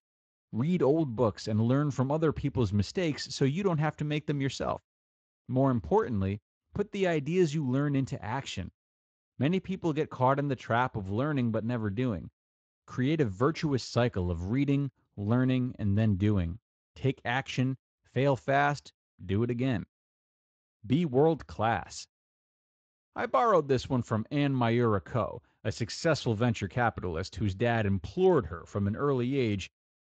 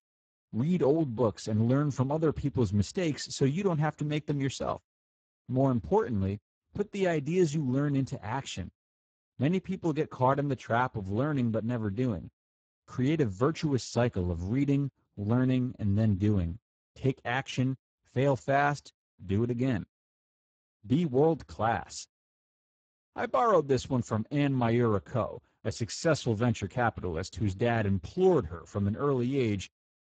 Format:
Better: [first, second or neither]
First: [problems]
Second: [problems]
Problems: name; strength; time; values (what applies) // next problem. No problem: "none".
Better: first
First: garbled, watery; slightly; nothing above 7.5 kHz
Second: garbled, watery; badly; nothing above 7.5 kHz